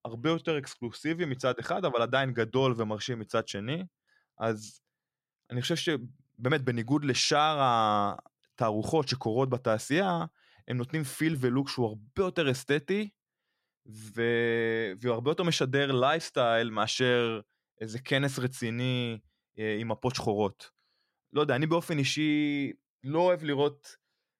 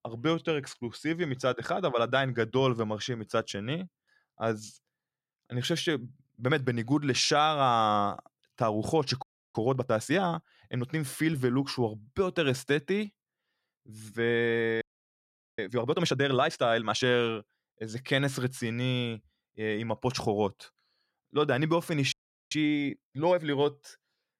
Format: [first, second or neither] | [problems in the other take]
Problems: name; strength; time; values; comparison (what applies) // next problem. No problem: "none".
first | audio freezing; at 9 s, at 15 s for 1 s and at 22 s